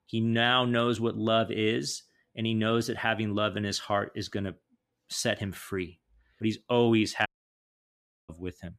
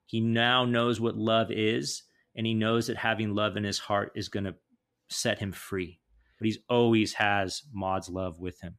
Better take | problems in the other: second | audio cutting out; at 7.5 s for 1 s

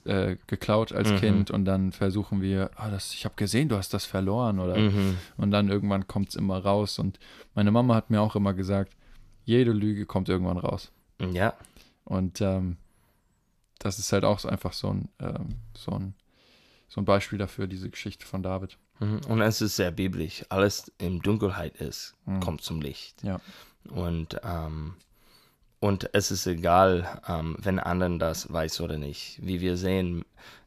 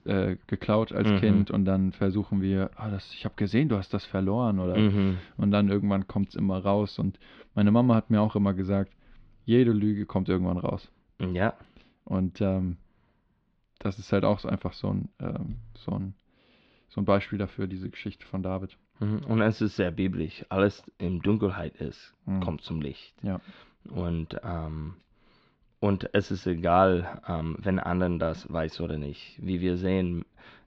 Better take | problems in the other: first | muffled; slightly; fading above 3.5 kHz

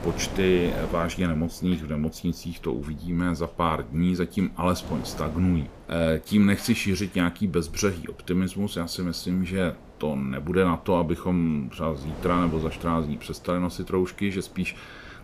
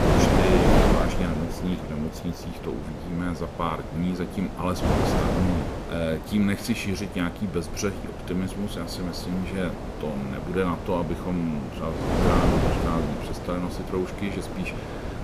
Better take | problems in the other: first | wind noise on the microphone; heavy; 1 dB above the speech; occasional gusts in the first

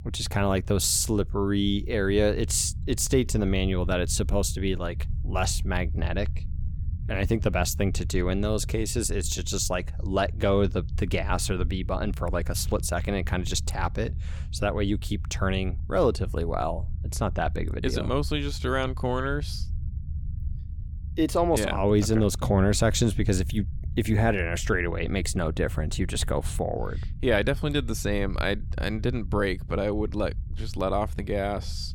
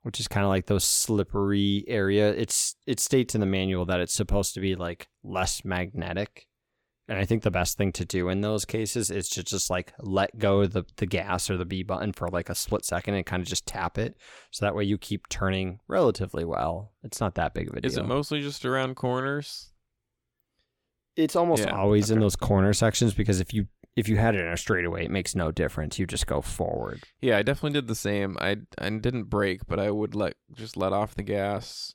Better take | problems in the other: second | low rumble; faint; throughout; 20 dB below the speech

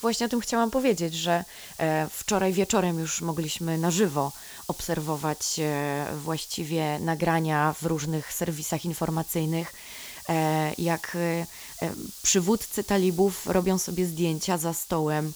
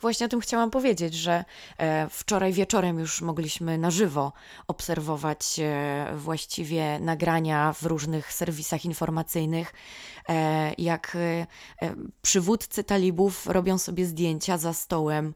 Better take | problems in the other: second | hiss; noticeable; throughout; 15 dB below the speech

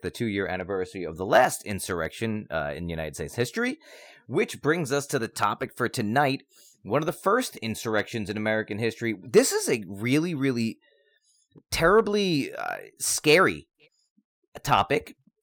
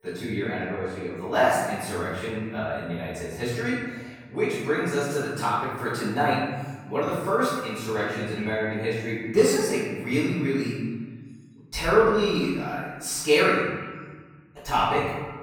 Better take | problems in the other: first | room echo; strong; dies away in 1.3 s // off-mic speech; far

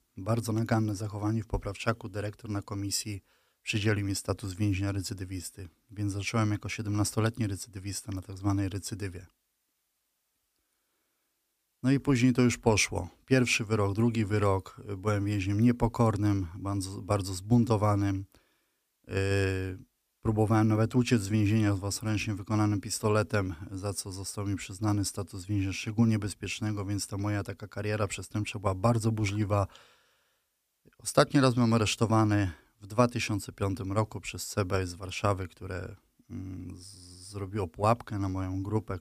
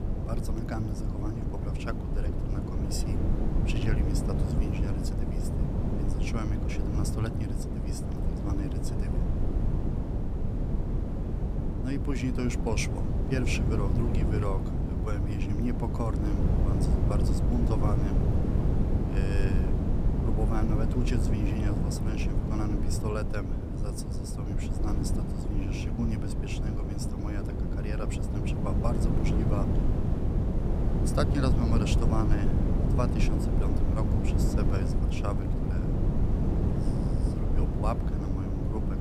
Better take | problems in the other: first | wind noise on the microphone; heavy; as loud as the speech

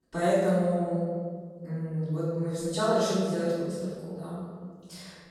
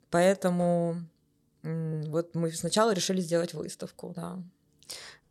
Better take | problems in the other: second | off-mic speech; far // room echo; strong; dies away in 1.8 s

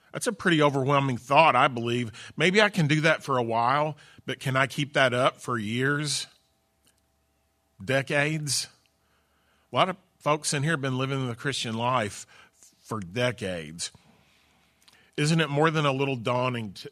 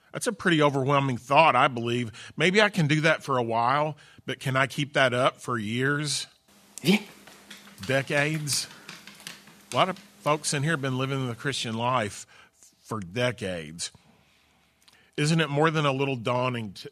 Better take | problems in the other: first | dog barking; loud; from 7 to 9.5 s; peak 1 dB above the speech

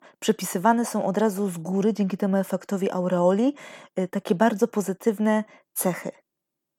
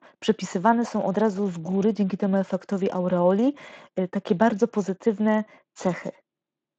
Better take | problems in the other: first | garbled, watery; slightly; nothing above 7.5 kHz

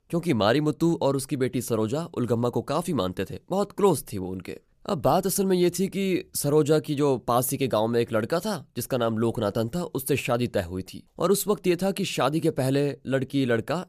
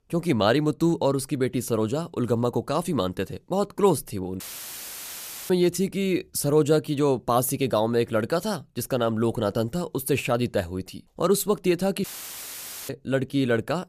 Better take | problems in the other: first | audio cutting out; filled with static; at 4.5 s for 1 s and at 12 s for 1 s

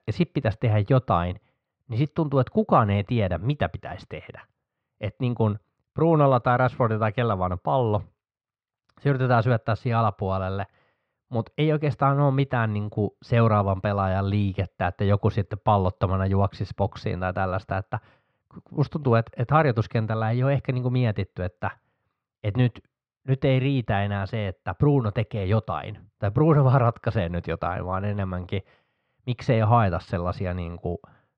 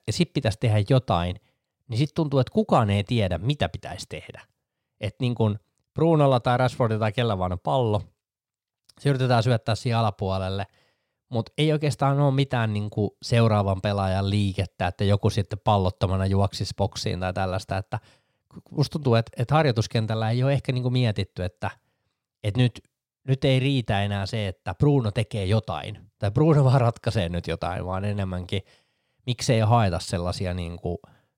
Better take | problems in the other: second | muffled; very; fading above 2 kHz

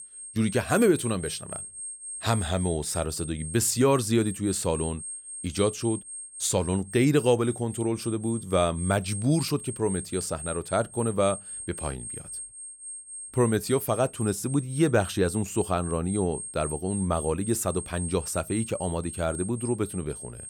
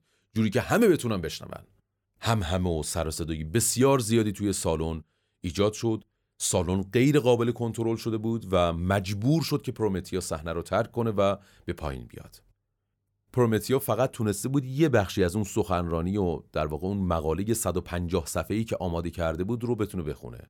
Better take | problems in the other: second | high-pitched whine; loud; throughout; 8.5 kHz, 10 dB below the speech

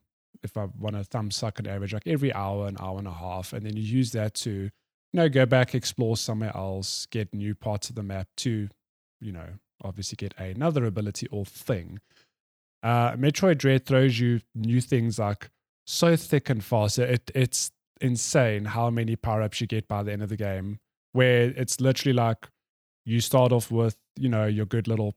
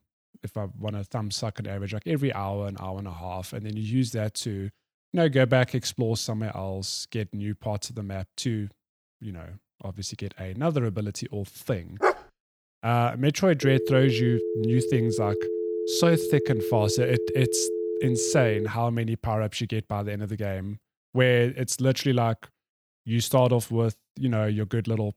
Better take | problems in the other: first | dog barking; loud; at 12 s; peak 1 dB above the speech // phone ringing; noticeable; from 14 to 19 s; peak 2 dB below the speech

